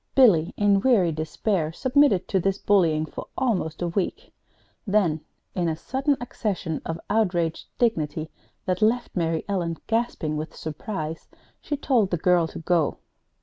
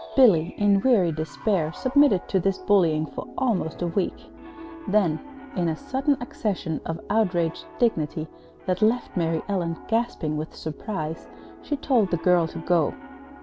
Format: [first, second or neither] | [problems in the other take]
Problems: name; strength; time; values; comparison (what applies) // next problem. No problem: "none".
first | background sound (Piano); 17 dB below the speech